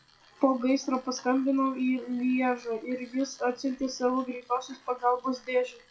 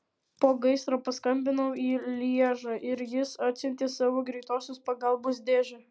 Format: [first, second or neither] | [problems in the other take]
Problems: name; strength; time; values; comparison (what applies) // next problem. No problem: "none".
second | noise reduction (classical method WPE with log-MMSE)